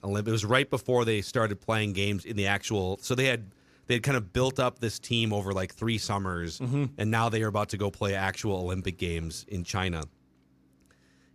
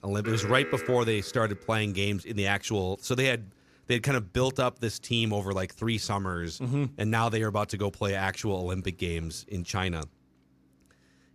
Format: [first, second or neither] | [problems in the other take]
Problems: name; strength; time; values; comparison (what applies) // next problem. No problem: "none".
first | alarm; noticeable; until 1.5 s; peak 7 dB below the speech